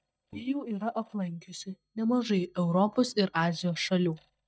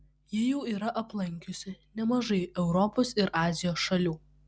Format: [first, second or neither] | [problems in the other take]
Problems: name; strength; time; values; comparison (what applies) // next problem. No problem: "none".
second | noise reduction (neural mask model DeepFilterNet 3)